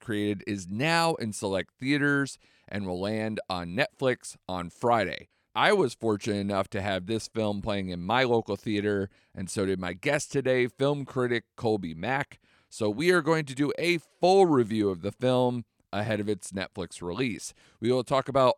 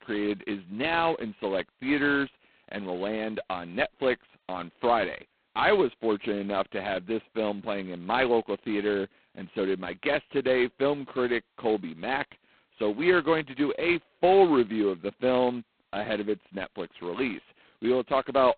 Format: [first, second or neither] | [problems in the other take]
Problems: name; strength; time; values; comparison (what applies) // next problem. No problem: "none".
first | phone-call audio; poor line; nothing above 4 kHz